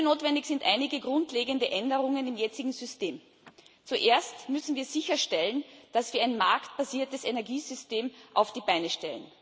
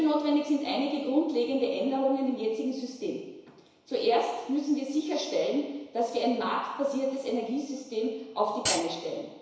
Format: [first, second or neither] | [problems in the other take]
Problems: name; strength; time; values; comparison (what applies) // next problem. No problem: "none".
first | background sound (Hi-hat); 2 dB below the speech // room echo; dies away in 1 s